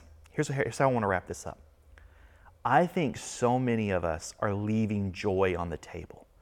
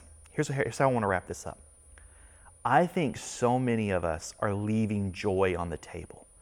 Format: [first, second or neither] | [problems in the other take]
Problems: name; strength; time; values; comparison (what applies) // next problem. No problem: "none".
first | high-pitched whine; faint; throughout; 9.5 kHz, 25 dB below the speech